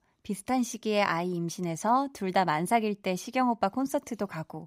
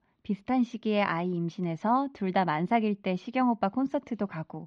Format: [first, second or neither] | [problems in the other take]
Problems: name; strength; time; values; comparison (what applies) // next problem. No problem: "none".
first | muffled; slightly; fading above 4 kHz